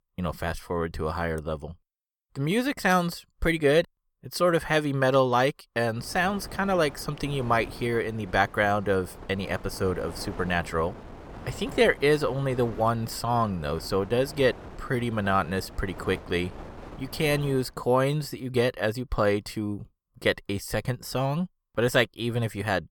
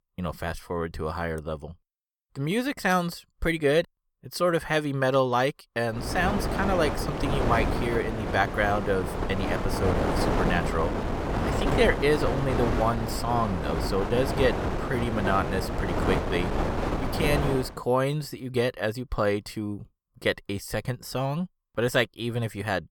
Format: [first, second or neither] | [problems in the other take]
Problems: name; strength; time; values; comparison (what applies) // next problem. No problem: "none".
first | wind noise on the microphone; heavy; from 6 to 18 s; 3 dB below the speech; occasional gusts in the first